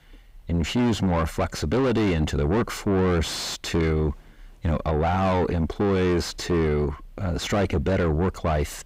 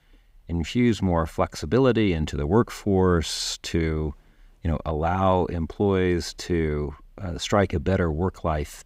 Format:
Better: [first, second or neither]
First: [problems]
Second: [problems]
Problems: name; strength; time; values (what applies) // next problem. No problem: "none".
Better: second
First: distortion; heavy; 5 dB below the speech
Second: none